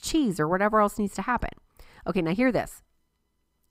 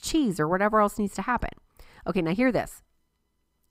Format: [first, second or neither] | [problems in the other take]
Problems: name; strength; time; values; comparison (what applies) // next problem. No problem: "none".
neither | none